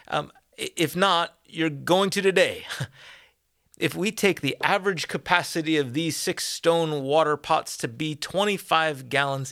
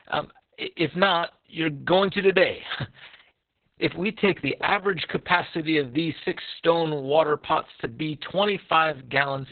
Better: first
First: none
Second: garbled, watery; badly; nothing above 4 kHz

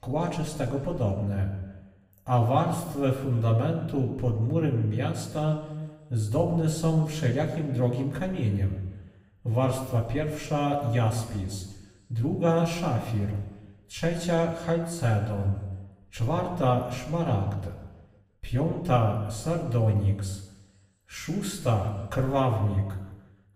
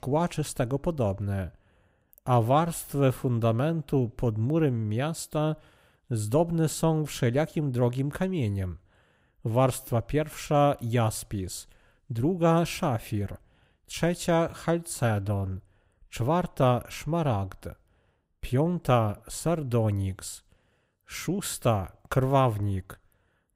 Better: second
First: room echo; slight; dies away in 1.1 s // off-mic speech; somewhat distant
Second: none

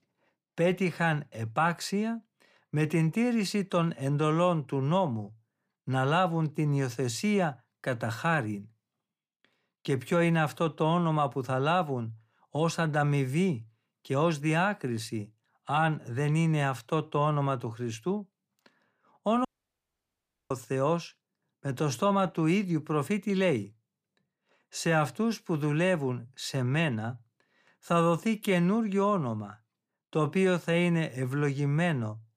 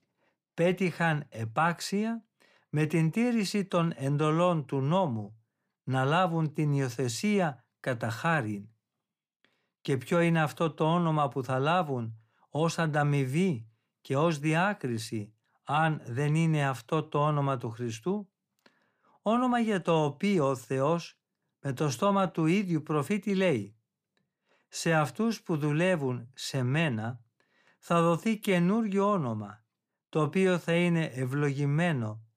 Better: second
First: audio cutting out; at 19 s for 1 s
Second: none

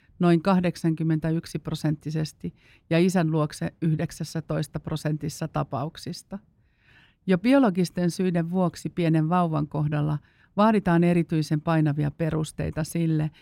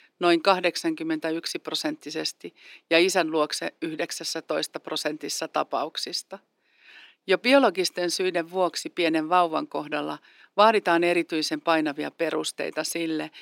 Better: first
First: none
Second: thin; very; fading below 350 Hz

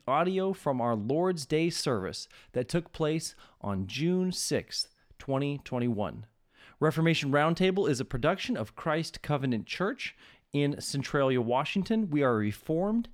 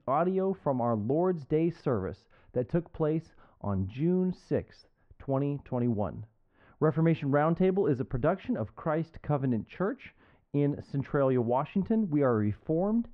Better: first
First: none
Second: muffled; very; fading above 1 kHz

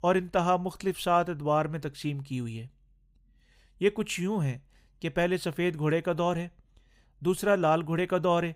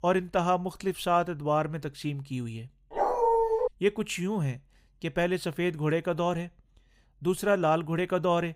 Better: first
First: none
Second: dog barking; loud; at 3 s; peak 4 dB above the speech

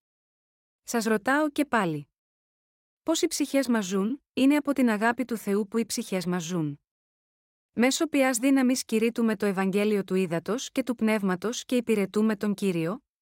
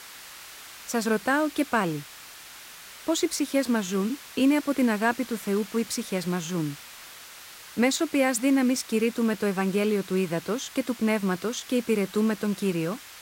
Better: first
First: none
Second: hiss; noticeable; throughout; 15 dB below the speech

